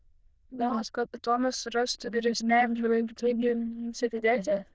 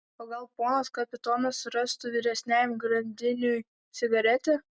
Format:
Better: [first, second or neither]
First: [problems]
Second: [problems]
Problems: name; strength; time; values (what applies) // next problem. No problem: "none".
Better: second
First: noise reduction (neural diffusion model UNIVERSE++)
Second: none